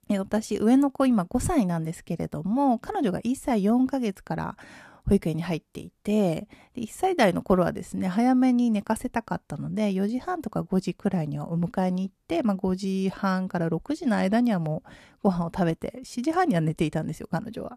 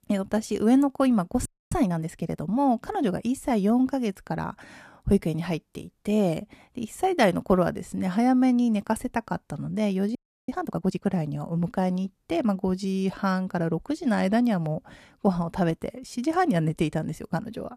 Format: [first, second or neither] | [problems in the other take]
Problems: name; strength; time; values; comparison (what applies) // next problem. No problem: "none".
first | audio freezing; at 1.5 s and at 10 s